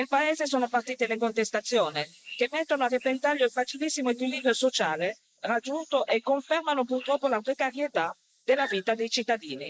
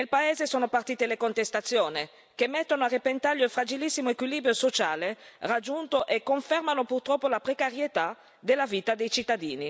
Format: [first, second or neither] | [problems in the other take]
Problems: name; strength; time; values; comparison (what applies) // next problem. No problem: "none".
second | noise reduction (neural mask model Resemble Enhance denoiser)